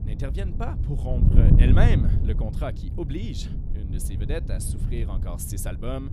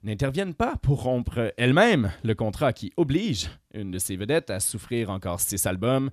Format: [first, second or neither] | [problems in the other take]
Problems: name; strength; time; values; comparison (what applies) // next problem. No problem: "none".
second | wind noise on the microphone; heavy; 3 dB below the speech